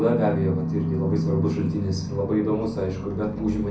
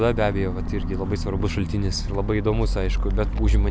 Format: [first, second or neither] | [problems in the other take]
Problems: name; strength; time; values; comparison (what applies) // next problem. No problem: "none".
second | room echo; dies away in 0.6 s